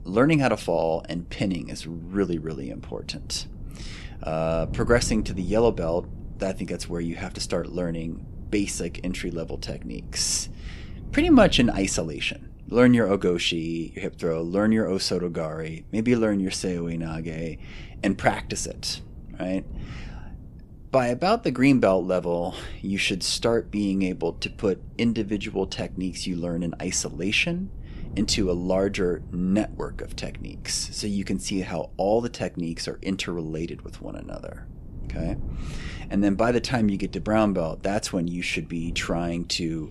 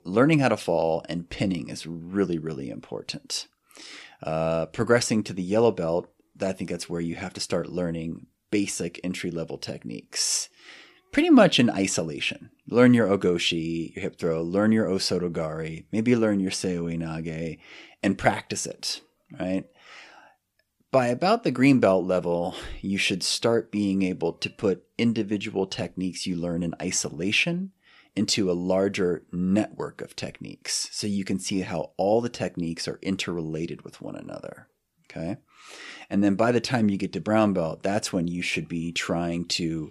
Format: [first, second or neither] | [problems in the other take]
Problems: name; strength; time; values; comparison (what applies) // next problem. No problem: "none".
second | wind noise on the microphone; occasional gusts; 25 dB below the speech